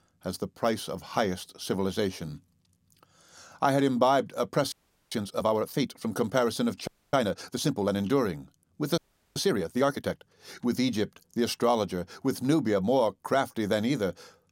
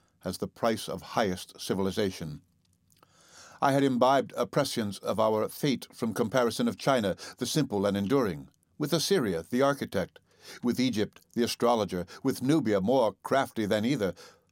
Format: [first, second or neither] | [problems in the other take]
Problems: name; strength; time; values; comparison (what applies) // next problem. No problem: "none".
second | audio freezing; at 4.5 s, at 7 s and at 9 s